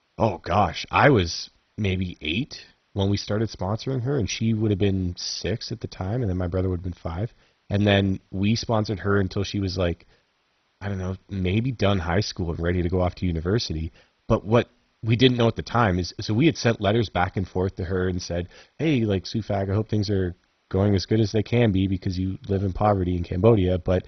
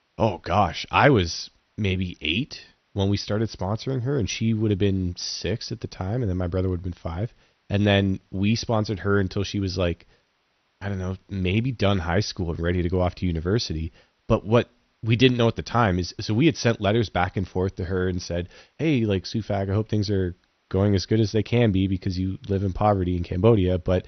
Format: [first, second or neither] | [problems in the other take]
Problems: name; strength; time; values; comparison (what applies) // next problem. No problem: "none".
second | garbled, watery; badly; nothing above 6 kHz; slightly in the second